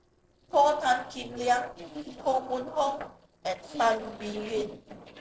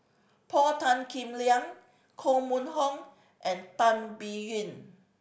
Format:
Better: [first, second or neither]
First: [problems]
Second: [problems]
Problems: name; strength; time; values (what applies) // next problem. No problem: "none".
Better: second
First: noise reduction (neural separator model SepFormer DNS4)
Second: none